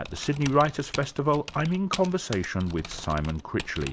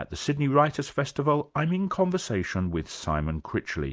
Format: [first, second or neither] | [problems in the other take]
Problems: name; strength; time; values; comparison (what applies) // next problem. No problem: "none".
second | background sound (Typing); 13 dB below the speech